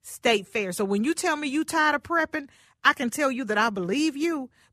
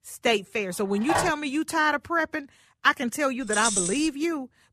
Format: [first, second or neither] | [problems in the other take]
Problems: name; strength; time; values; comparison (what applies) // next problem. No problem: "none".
first | phone ringing; noticeable; at 1 s; peak 1 dB below the speech // jangling keys; loud; at 3.5 s; peak 2 dB above the speech